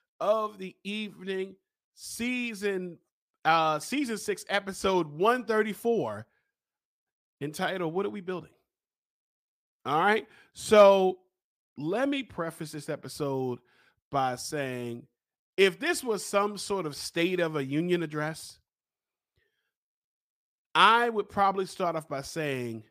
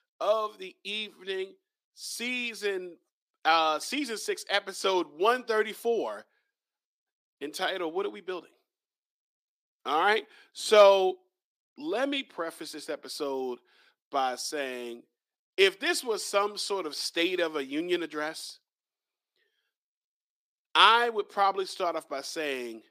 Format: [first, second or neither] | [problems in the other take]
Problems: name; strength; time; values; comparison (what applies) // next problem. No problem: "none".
first | thin; very slightly; fading below 300 Hz